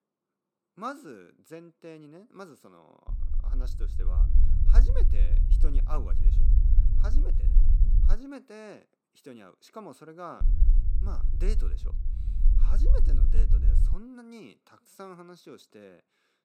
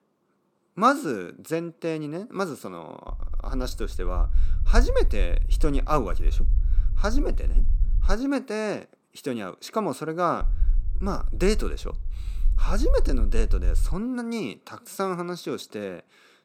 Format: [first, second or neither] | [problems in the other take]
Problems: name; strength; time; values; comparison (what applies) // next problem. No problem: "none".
second | low rumble; loud; from 3 to 8 s and from 10 to 14 s; 5 dB below the speech; faint in the second